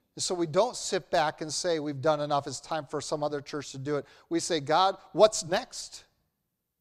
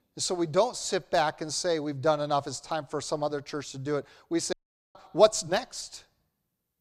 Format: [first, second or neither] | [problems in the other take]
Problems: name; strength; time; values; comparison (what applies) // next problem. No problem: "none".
first | audio cutting out; at 4.5 s